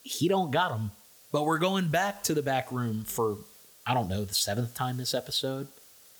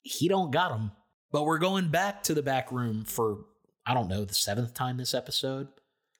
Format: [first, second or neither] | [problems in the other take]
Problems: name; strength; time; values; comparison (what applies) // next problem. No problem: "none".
second | hiss; faint; throughout; 20 dB below the speech